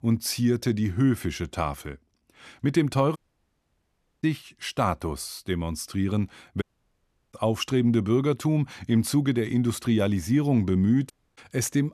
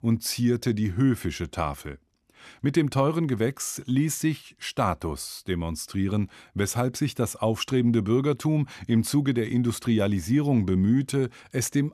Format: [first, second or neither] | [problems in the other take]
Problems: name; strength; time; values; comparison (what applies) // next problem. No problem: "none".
second | audio cutting out; at 3 s for 1 s, at 6.5 s for 0.5 s and at 11 s